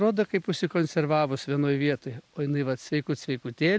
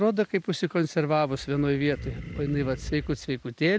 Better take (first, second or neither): first